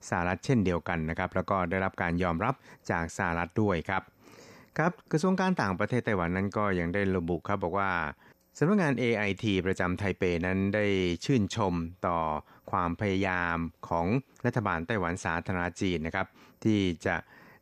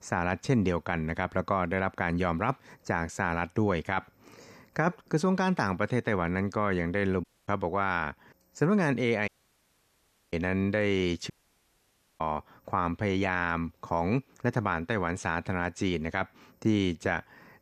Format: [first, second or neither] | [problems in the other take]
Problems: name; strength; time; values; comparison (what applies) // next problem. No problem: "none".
first | audio cutting out; at 7 s, at 9.5 s for 1 s and at 11 s for 1 s